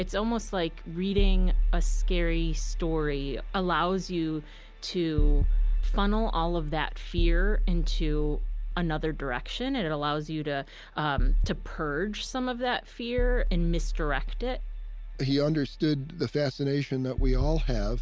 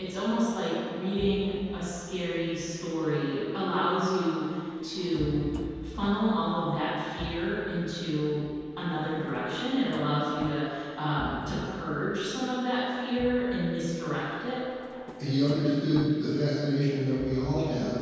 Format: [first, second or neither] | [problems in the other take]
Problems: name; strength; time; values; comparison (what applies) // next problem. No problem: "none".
first | background sound (Drawer open or close); 17 dB below the speech // room echo; dies away in 2.1 s